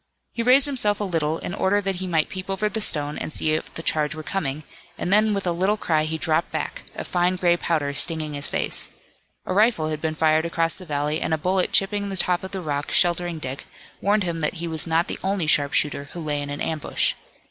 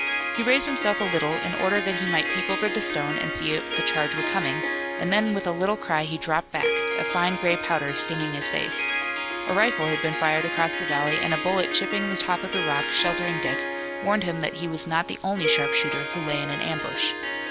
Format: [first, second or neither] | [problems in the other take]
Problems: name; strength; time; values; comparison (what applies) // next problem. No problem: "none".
first | background sound (Harp); 1 dB below the speech